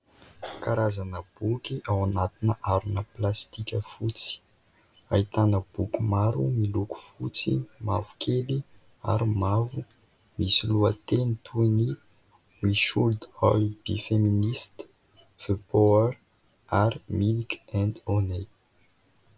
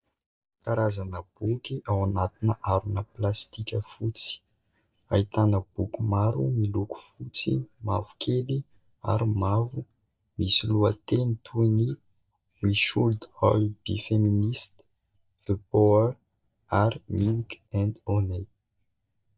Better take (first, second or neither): first